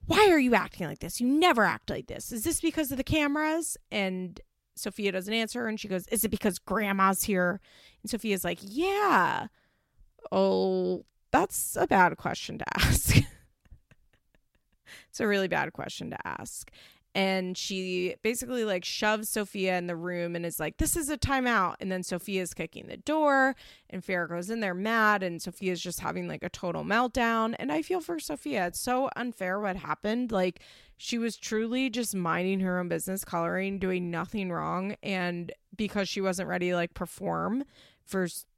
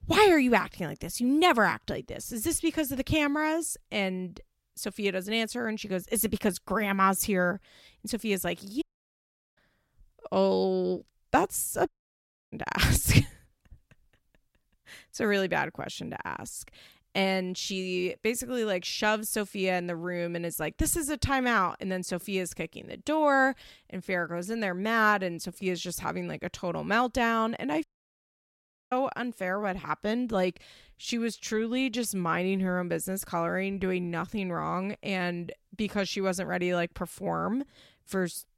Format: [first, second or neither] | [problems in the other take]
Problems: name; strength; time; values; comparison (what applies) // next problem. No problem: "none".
first | audio cutting out; at 9 s for 1 s, at 12 s for 0.5 s and at 28 s for 1 s